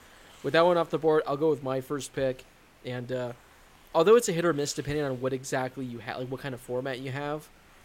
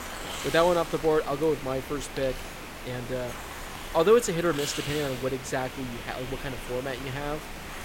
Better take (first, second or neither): first